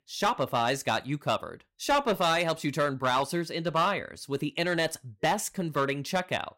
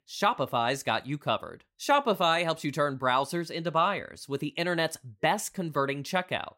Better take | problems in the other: second | distortion; slight; 5% of the sound clipped

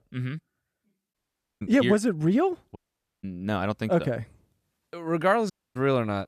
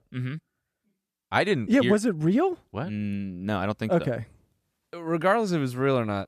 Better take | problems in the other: second | audio cutting out; at 1 s, at 3 s and at 5.5 s

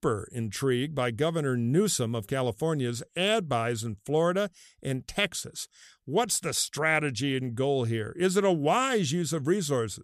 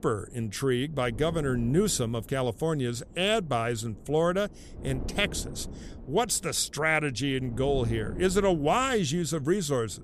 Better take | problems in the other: first | wind noise on the microphone; occasional gusts; 20 dB below the speech

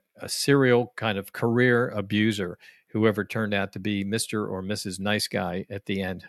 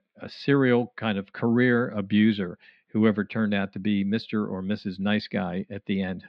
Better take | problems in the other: first | muffled; slightly; fading above 4 kHz

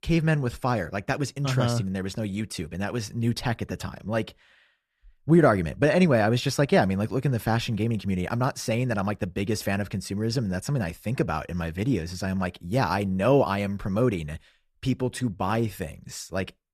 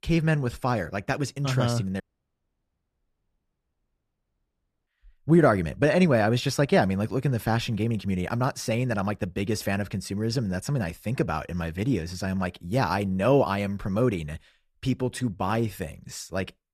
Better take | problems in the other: first | audio cutting out; at 2 s for 3 s

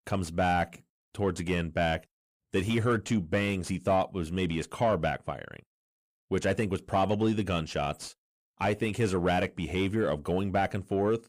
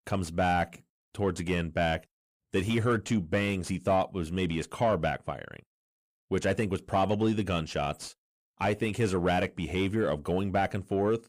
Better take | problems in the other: neither | distortion; slight; 10 dB below the speech; the same in both

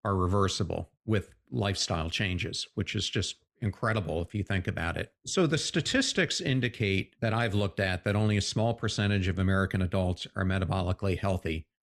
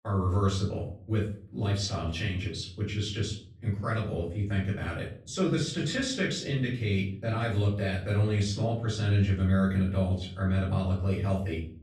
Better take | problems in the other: first | room echo; slight; dies away in 0.4 s // off-mic speech; far

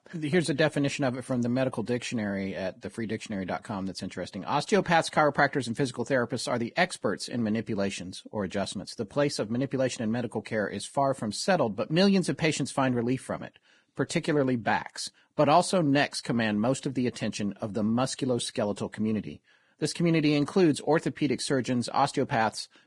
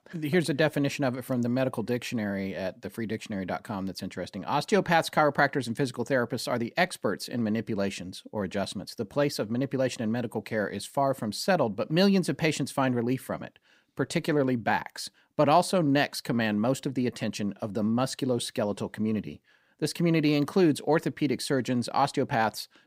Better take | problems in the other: second | garbled, watery; badly; nothing above 10 kHz

